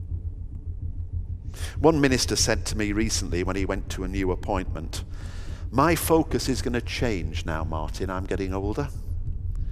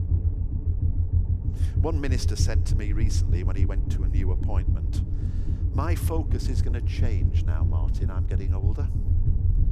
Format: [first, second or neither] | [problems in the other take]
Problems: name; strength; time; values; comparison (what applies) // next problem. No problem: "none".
first | low rumble; loud; throughout; 4 dB below the speech; faint in the first